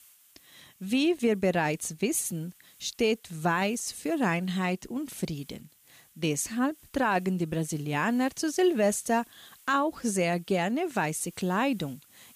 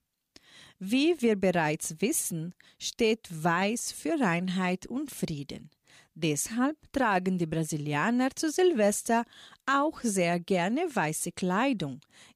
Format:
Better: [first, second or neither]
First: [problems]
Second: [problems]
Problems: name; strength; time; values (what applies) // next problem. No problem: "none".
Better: second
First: hiss; faint; throughout; 25 dB below the speech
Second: none